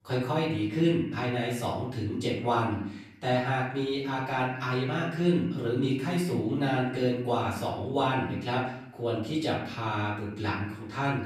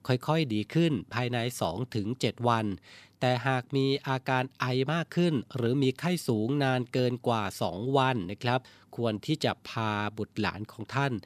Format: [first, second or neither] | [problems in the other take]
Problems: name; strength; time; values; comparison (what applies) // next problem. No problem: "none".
second | off-mic speech; far // room echo; noticeable; dies away in 0.7 s